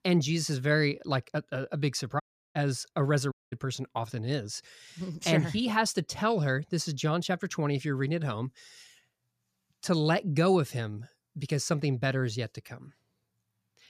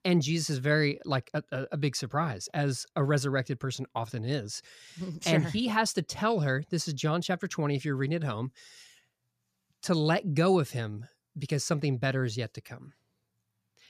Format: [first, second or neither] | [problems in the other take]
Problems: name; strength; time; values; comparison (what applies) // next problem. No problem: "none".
second | audio cutting out; at 2 s and at 3.5 s